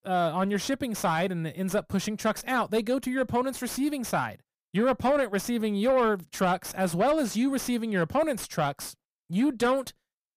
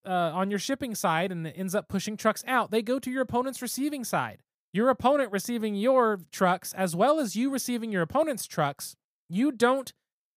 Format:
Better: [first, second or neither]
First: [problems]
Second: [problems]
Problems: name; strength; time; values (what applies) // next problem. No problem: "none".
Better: second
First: distortion; slight; 10 dB below the speech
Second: none